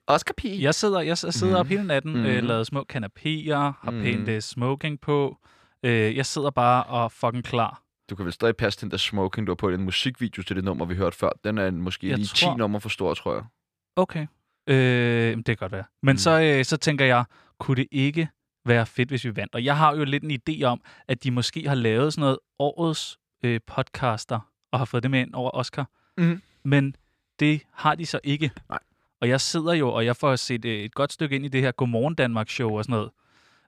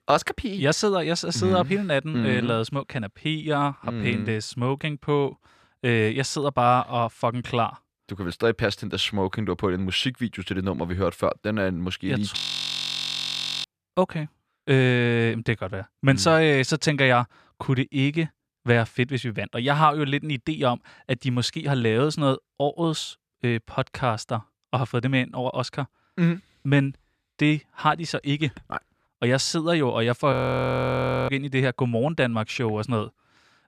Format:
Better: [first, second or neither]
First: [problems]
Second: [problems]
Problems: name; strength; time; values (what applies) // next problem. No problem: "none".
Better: first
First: none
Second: audio freezing; at 12 s for 1.5 s and at 30 s for 1 s